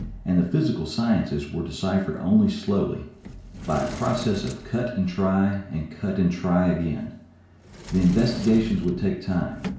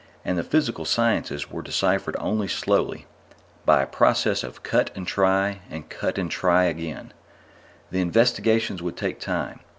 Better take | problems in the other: second | background sound (Sliding door); 15 dB below the speech // room echo; dies away in 0.6 s

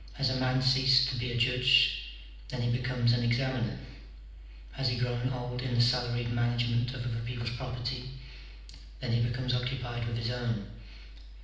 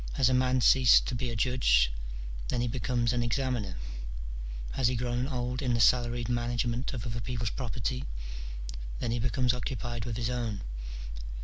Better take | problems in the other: second | room echo; dies away in 0.9 s

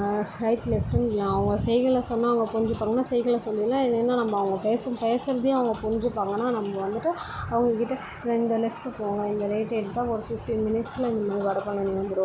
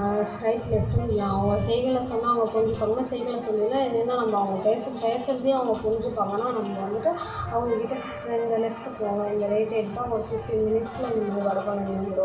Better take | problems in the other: first | background sound (Brass instrument); 18 dB below the speech // room echo; dies away in 0.7 s

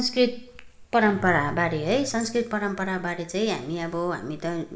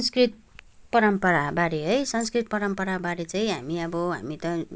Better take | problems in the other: second | background sound (Guitar); 19 dB below the speech // room echo; dies away in 0.6 s

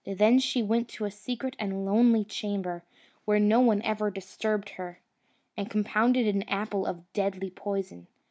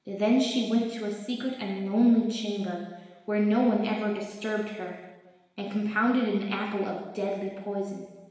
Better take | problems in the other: first | room echo; dies away in 1.1 s

